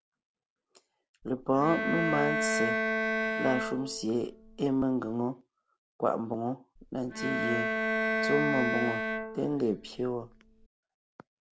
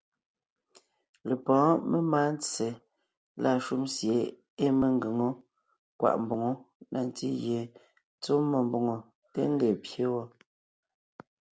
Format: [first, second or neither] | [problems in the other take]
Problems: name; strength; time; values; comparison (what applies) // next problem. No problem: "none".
second | background sound (Bowed string instrument); as loud as the speech